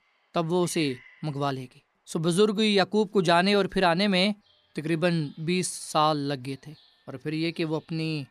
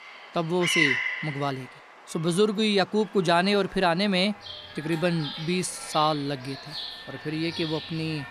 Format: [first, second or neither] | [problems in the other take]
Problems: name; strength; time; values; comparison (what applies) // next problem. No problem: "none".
first | animal sounds; loud; throughout; 5 dB below the speech; faint in the first